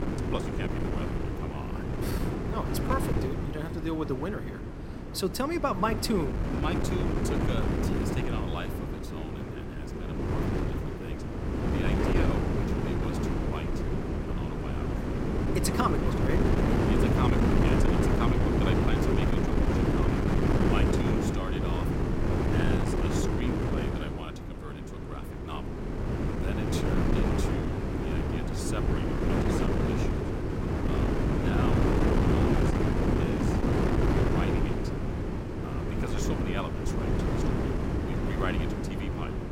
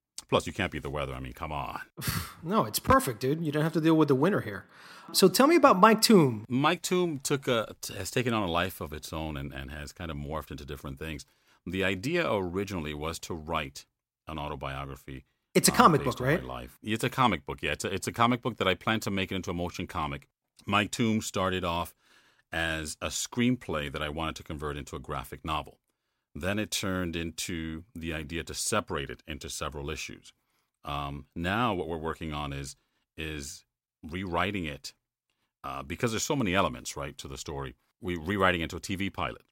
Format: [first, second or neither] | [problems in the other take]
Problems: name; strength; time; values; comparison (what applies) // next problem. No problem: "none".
second | wind noise on the microphone; heavy; 4 dB above the speech